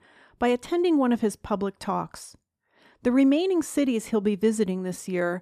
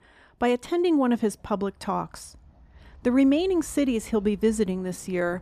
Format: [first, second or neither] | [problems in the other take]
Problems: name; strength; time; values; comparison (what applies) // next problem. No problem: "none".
first | animal sounds; faint; throughout; 25 dB below the speech